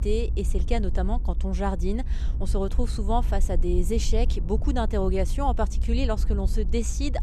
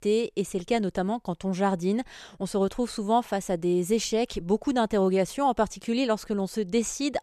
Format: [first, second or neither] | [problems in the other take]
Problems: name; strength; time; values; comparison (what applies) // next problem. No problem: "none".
second | low rumble; noticeable; throughout; 15 dB below the speech